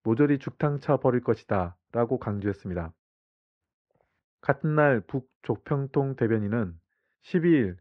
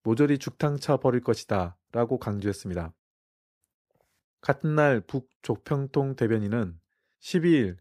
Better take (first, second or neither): second